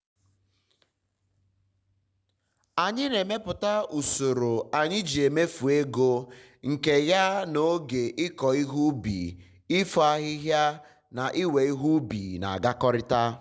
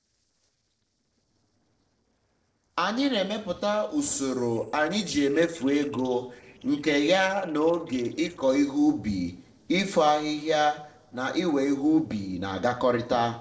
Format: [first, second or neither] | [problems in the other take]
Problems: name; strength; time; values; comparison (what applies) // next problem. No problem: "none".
first | noise reduction (neural separator model SepFormer DNS4)